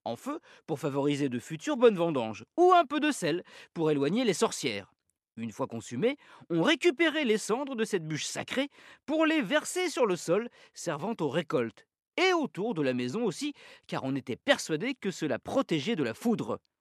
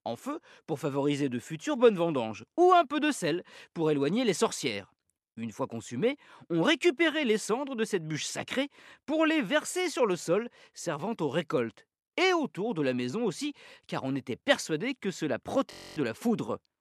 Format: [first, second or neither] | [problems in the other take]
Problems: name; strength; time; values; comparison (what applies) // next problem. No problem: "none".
first | audio freezing; at 16 s